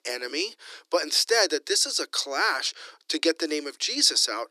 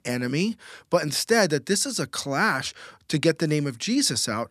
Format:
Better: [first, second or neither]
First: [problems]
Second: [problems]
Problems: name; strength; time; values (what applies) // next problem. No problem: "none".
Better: second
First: thin; somewhat; fading below 300 Hz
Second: none